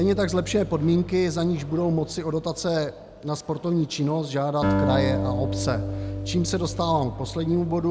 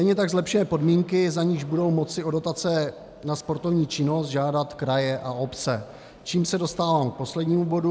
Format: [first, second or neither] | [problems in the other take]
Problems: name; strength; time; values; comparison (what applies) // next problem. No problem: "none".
second | background sound (Acoustic guitar); 6 dB below the speech